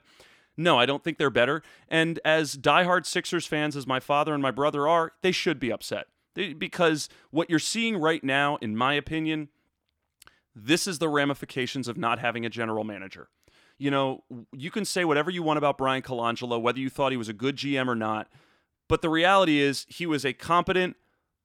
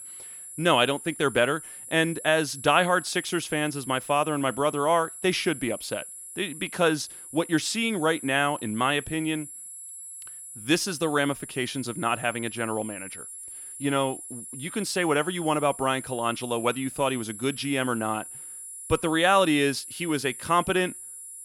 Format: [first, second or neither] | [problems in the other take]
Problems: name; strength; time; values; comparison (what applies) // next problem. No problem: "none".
first | high-pitched whine; noticeable; throughout; 10.5 kHz, 10 dB below the speech